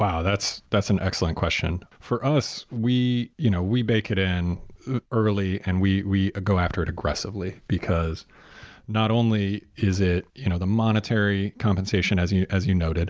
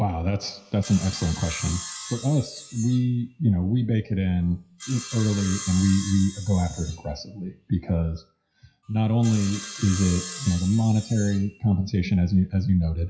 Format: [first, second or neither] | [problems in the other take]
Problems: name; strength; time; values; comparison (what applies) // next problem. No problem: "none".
first | noise reduction (classical method WPE with log-MMSE)